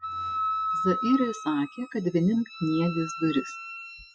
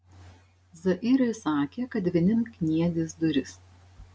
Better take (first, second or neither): second